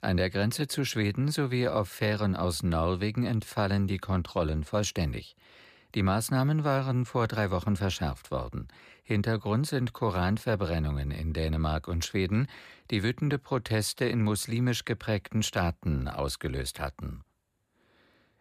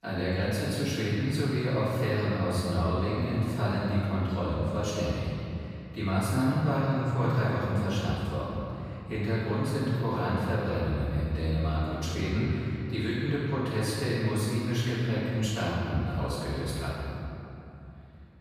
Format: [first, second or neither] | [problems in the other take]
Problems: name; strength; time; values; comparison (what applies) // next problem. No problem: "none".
first | off-mic speech; far // room echo; strong; dies away in 2.8 s